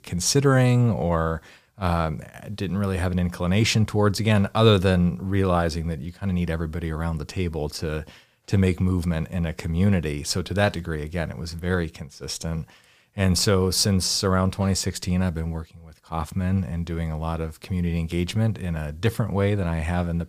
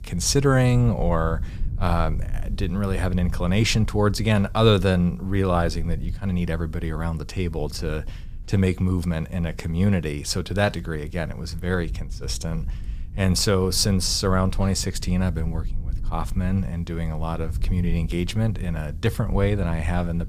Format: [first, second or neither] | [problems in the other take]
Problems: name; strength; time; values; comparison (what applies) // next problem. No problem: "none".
first | low rumble; faint; throughout; 25 dB below the speech